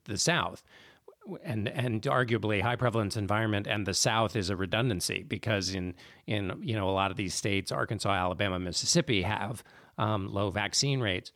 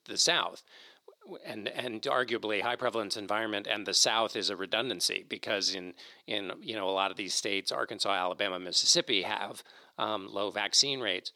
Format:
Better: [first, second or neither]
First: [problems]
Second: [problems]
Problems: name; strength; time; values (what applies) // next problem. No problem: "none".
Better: first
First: none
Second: thin; somewhat; fading below 400 Hz